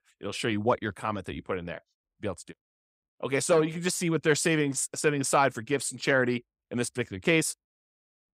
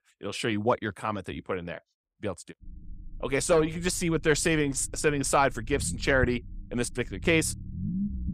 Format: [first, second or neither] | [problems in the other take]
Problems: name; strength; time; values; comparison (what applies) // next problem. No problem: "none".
first | low rumble; noticeable; from 2.5 s on; 20 dB below the speech